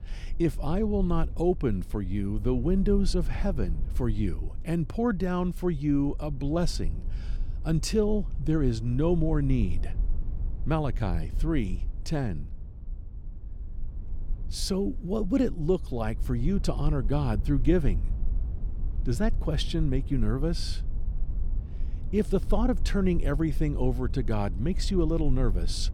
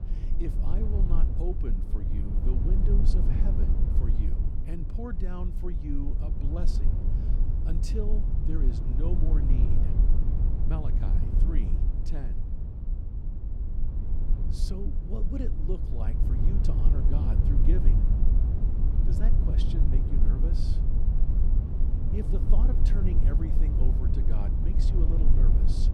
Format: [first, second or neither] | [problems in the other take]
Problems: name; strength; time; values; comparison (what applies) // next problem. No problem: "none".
first | low rumble; loud; throughout; as loud as the speech; faint in the first